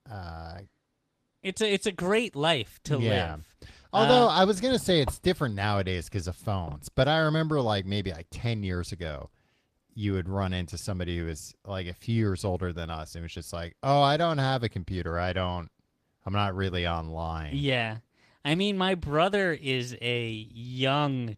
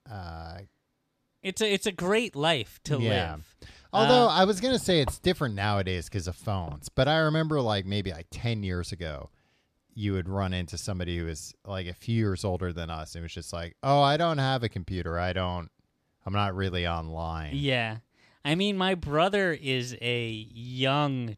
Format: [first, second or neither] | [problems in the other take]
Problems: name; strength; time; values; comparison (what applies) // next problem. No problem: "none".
second | garbled, watery; slightly; nothing above 14.5 kHz